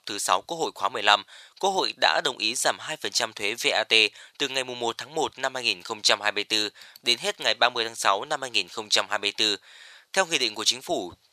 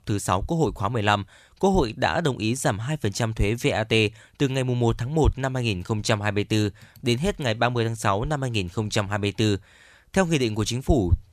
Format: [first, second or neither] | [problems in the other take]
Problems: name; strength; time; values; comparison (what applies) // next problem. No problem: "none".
second | thin; very; fading below 650 Hz